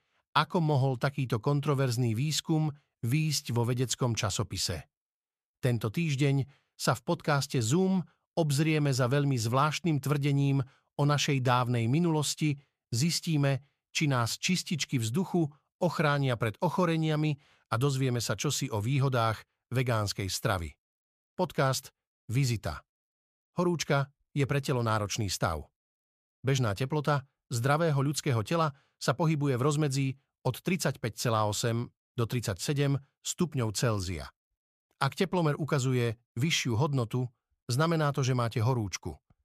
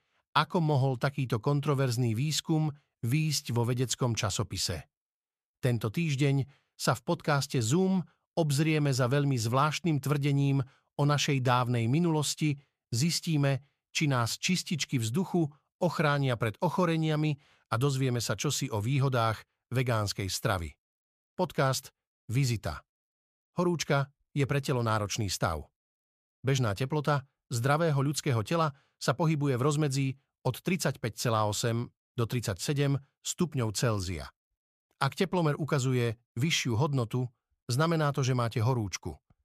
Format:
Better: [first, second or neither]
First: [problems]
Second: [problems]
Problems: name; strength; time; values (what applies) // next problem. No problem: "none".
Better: neither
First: none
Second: none